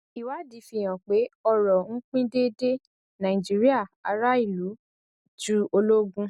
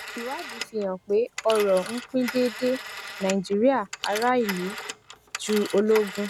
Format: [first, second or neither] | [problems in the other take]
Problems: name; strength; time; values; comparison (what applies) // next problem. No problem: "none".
first | background sound (Telephone); 11 dB below the speech